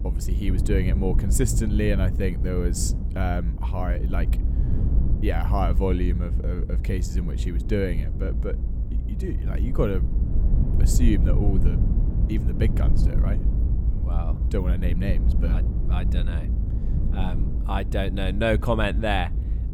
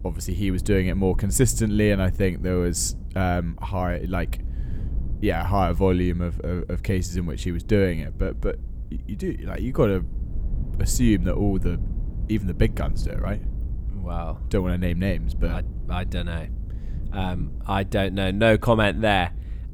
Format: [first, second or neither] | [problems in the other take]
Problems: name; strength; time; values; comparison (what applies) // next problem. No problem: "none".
second | low rumble; loud; throughout; 9 dB below the speech; faint in the second